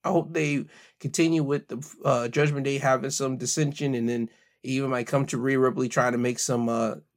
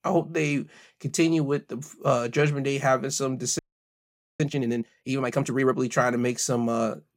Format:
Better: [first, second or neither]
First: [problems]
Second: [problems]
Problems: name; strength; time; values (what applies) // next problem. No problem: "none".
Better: first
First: none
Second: audio freezing; at 3.5 s for 1 s